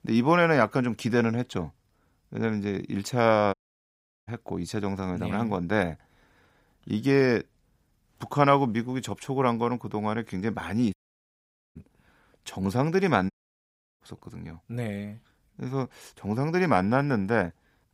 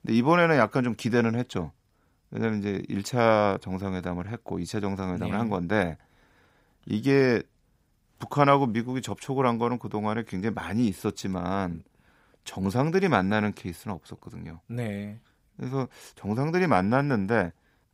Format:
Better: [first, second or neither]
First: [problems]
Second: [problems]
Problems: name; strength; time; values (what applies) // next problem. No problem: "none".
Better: second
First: audio cutting out; at 3.5 s for 0.5 s, at 11 s for 1 s and at 13 s for 0.5 s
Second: none